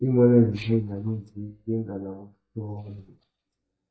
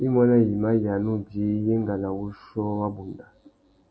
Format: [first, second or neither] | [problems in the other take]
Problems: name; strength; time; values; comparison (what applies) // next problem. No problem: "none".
second | noise reduction (neural mask model DeepFilterNet 3)